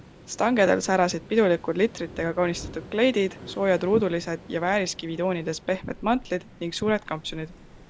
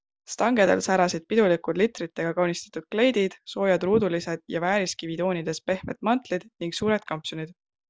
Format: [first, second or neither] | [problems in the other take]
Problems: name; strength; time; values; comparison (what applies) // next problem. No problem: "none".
second | background sound (Waves, surf); 19 dB below the speech